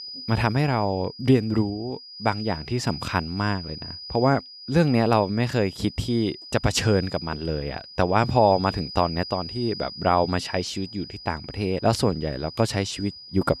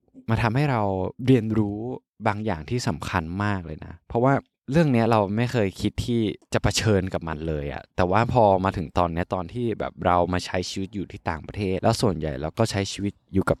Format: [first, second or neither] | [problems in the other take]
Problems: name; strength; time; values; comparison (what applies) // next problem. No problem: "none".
second | high-pitched whine; noticeable; throughout; 5 kHz, 15 dB below the speech